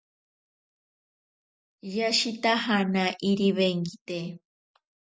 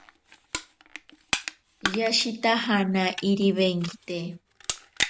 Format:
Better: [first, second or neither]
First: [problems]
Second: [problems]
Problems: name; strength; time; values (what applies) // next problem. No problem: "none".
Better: first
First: none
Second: background sound (Crushing); 8 dB below the speech